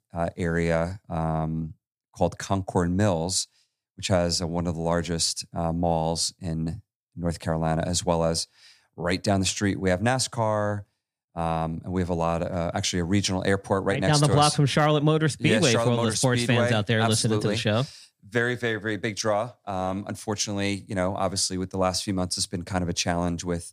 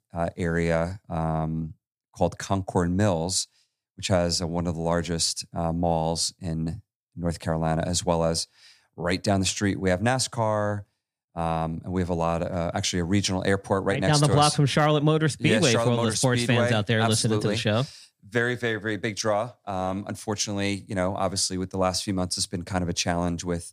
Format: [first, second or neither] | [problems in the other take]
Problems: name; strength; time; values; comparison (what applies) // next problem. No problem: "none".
neither | none